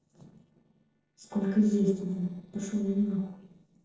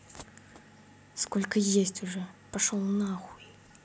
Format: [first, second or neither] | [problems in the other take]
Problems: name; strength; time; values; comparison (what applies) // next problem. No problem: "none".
second | noise reduction (neural separator model SepFormer DNS4)